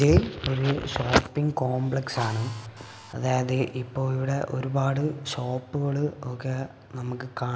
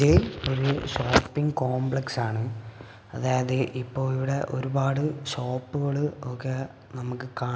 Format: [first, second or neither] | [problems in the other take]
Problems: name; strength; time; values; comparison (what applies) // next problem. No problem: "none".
second | background sound (Drill); 14 dB below the speech